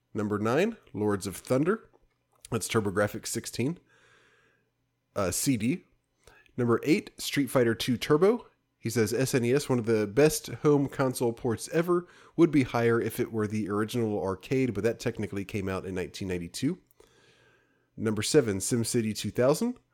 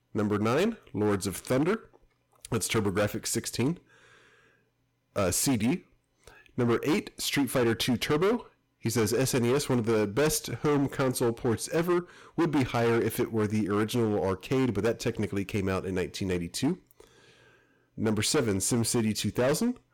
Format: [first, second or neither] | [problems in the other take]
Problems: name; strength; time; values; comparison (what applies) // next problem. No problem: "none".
first | distortion; heavy; 12% of the sound clipped